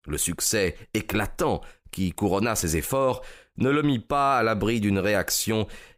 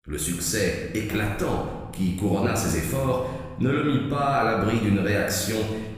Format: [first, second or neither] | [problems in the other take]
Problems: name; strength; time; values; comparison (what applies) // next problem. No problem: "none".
first | off-mic speech; far // room echo; noticeable; dies away in 1.3 s